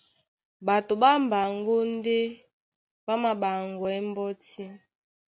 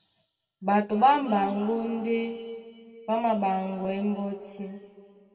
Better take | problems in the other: first | room echo; dies away in 2.2 s

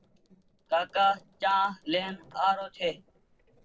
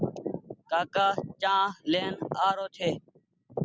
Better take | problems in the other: second | noise reduction (neural separator model SepFormer DNS4)

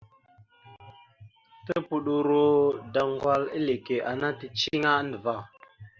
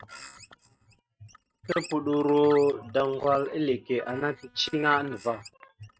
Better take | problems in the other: first | noise reduction (neural mask model RNNoise)

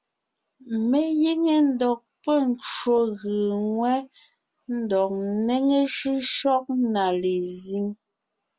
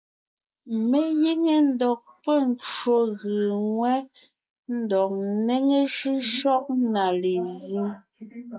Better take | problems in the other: first | noise reduction (neural mask model Resemble Enhance denoiser)

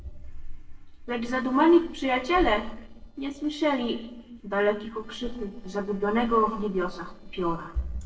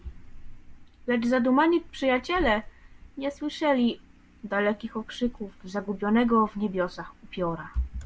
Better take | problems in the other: second | noise reduction (neural separator model SepFormer DNS4)

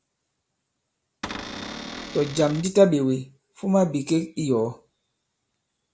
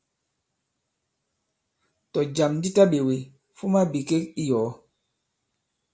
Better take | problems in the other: second | background sound (Cupboard open or close / Door); 10 dB below the speech

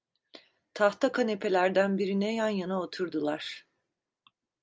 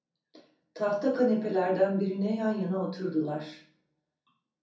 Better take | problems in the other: first | room echo; dies away in 0.6 s

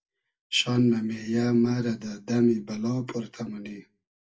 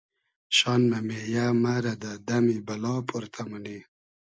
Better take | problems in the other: second | room echo; dies away in 0.2 s

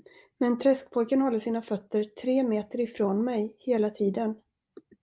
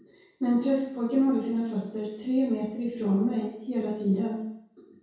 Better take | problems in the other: first | room echo; dies away in 0.6 s

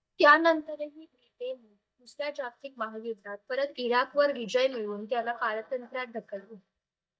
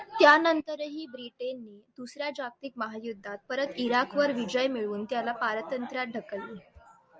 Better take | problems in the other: second | noise reduction (neural mask model DeepFilterNet 3)

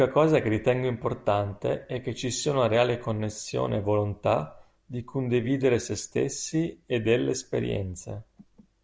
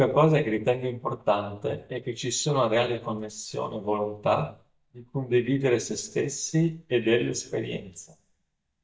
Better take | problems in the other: first | noise reduction (neural mask model DeepFilterNet 3)

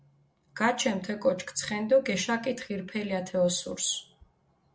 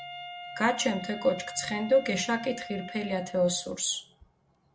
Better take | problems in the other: first | background sound (Wind instrument, woodwind instrument); 13 dB below the speech

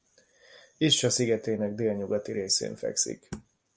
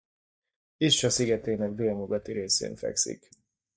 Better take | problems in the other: first | noise reduction (neural mask model DeepFilterNet 3)

